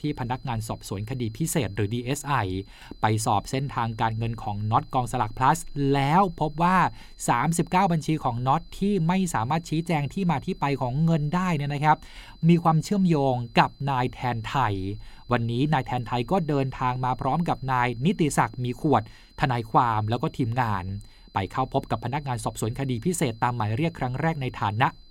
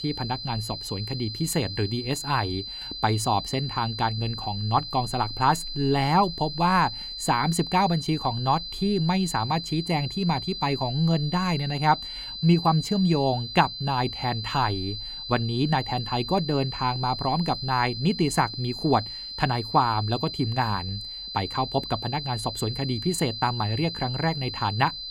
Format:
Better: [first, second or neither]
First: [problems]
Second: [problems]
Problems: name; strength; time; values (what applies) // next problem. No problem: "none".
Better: first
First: high-pitched whine; faint; throughout; 4 kHz, 30 dB below the speech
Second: high-pitched whine; loud; throughout; 4 kHz, 7 dB below the speech